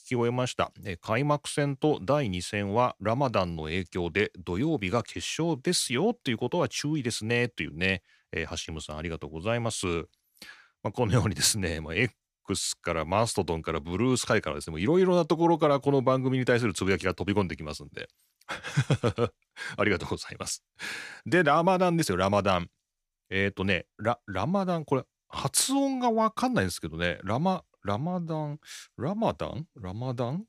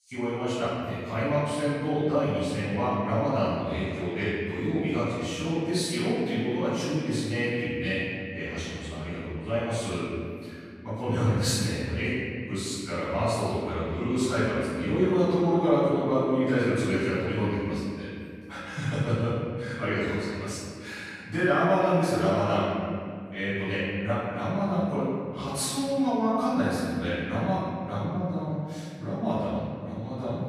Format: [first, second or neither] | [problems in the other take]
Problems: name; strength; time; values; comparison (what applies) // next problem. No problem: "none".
first | off-mic speech; far // room echo; strong; dies away in 2.4 s